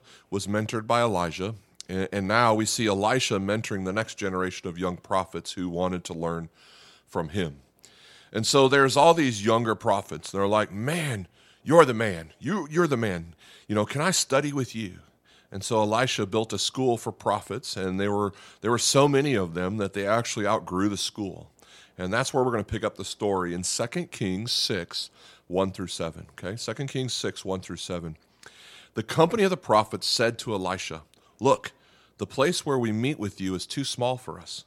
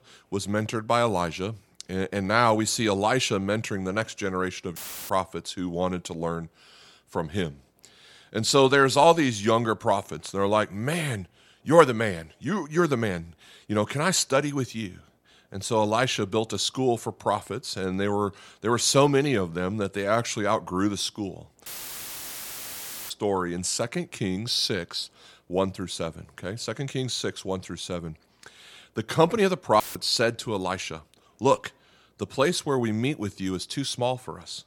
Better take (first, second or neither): first